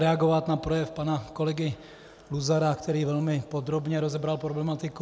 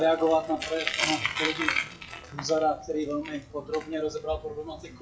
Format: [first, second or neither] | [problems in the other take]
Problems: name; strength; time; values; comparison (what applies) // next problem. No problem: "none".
first | noise reduction (classical method WPE with log-MMSE)